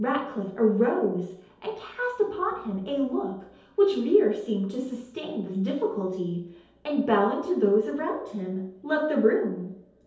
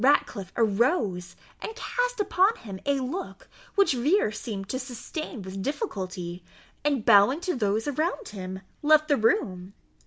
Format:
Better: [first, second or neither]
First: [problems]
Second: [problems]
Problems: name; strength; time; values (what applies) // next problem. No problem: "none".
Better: second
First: room echo; dies away in 2.2 s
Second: none